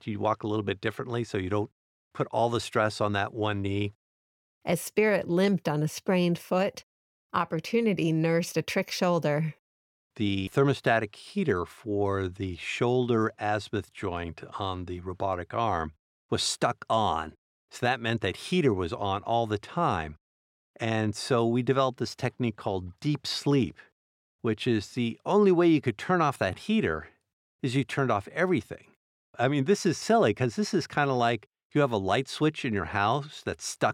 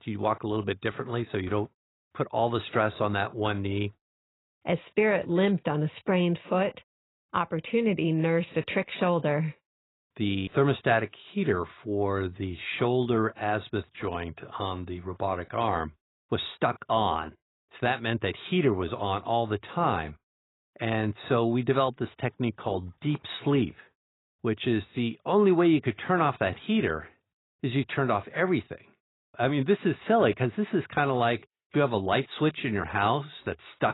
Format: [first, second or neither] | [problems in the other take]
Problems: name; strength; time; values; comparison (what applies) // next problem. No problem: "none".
first | garbled, watery; badly; nothing above 4 kHz